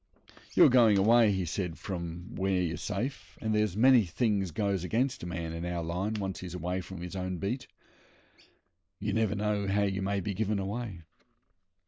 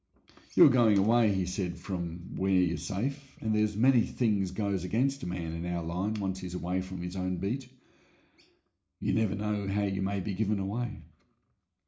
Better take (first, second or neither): first